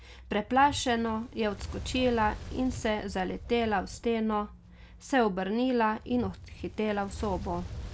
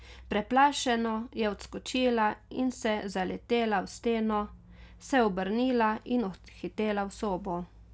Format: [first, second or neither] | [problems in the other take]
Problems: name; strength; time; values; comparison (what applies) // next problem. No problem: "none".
second | background sound (Fire); 13 dB below the speech